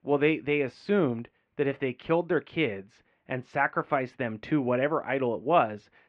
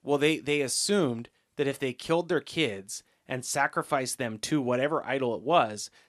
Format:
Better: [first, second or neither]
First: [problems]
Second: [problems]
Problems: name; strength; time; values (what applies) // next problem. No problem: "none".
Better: second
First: muffled; very; fading above 2.5 kHz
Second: none